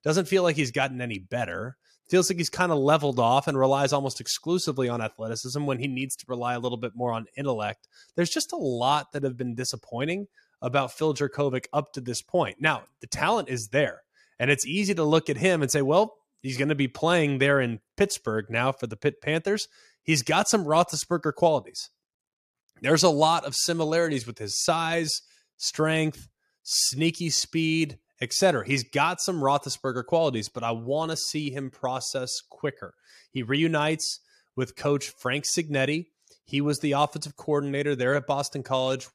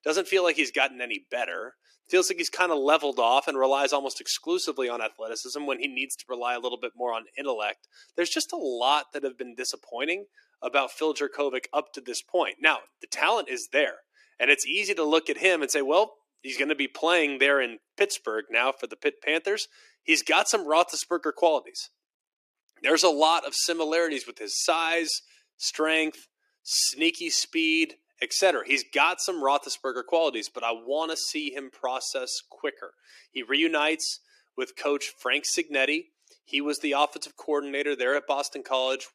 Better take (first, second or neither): first